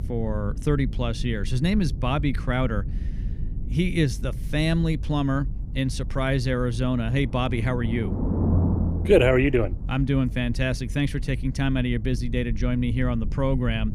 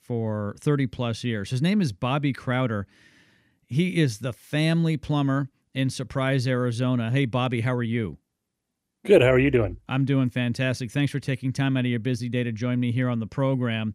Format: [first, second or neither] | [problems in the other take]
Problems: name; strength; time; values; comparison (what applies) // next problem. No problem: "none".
second | low rumble; noticeable; throughout; 15 dB below the speech